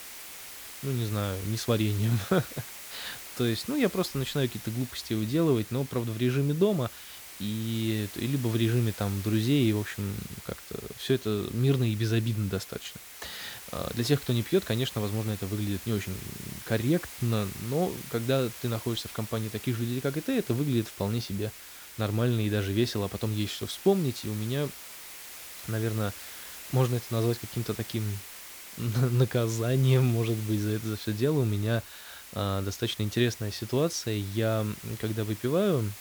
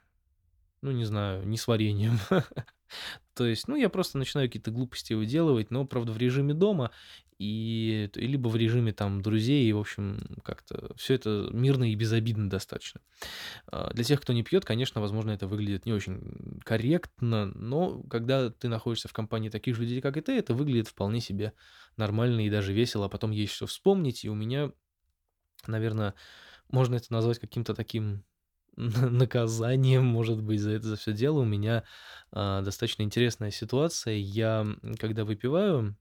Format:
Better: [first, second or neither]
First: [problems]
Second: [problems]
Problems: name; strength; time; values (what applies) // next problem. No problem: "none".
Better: second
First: hiss; noticeable; throughout; 10 dB below the speech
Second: none